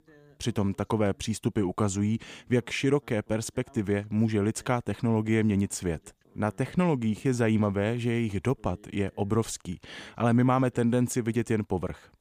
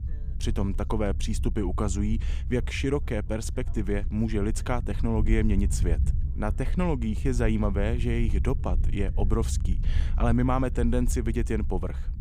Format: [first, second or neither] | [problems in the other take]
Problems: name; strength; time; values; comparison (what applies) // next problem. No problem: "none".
first | low rumble; noticeable; throughout; 15 dB below the speech